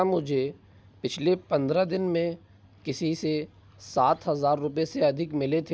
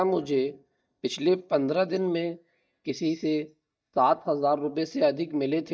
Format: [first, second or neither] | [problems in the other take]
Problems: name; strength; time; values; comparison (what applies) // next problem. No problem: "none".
first | noise reduction (neural mask model DeepFilterNet 3)